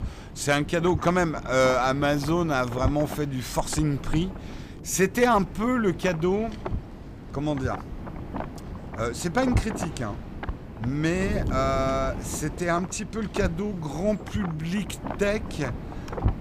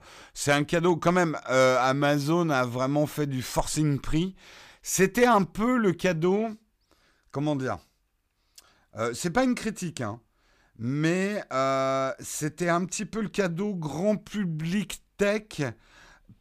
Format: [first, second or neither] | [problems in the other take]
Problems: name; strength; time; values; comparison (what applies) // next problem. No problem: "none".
second | wind noise on the microphone; occasional gusts; 15 dB below the speech